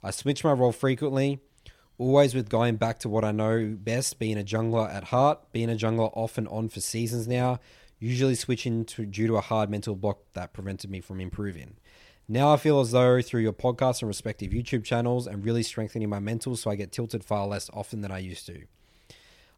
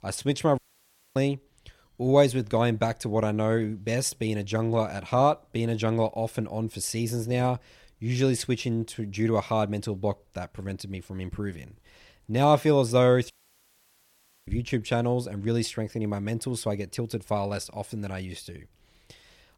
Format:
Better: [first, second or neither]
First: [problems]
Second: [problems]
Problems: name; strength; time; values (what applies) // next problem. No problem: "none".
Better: first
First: none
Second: audio cutting out; at 0.5 s for 0.5 s and at 13 s for 1 s